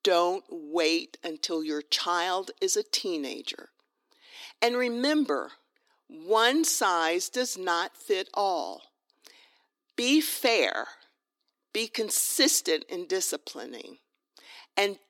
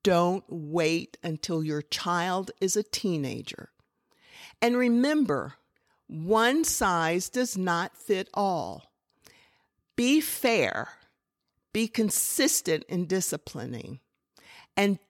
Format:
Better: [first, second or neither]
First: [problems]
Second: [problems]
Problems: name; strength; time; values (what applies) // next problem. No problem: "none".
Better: second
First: thin; very slightly; fading below 300 Hz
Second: none